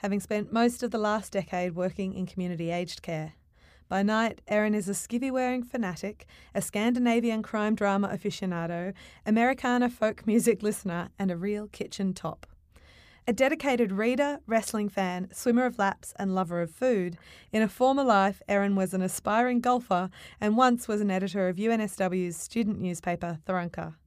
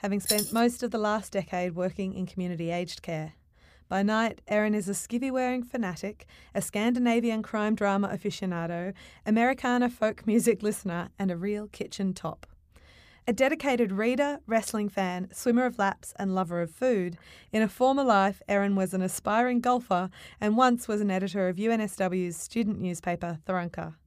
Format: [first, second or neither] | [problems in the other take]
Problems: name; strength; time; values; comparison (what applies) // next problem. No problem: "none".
first | jangling keys; loud; at 0.5 s; peak 1 dB above the speech